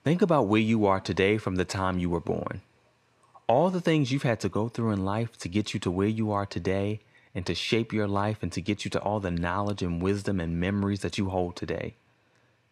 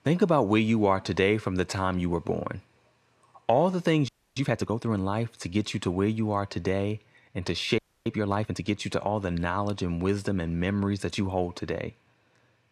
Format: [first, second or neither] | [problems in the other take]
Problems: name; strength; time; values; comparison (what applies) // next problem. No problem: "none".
first | audio freezing; at 4 s and at 8 s